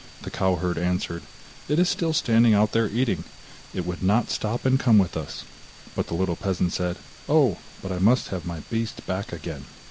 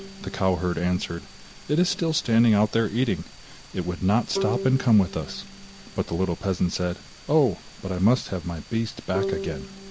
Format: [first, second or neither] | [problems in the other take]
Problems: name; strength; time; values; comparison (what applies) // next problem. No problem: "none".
first | background sound (Bowed string instrument); 13 dB below the speech